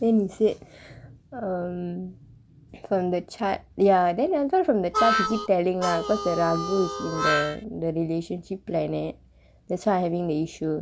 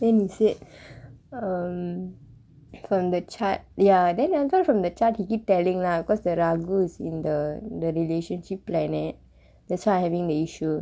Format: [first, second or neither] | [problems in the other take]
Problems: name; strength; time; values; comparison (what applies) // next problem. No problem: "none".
second | background sound (Harmonica); 2 dB below the speech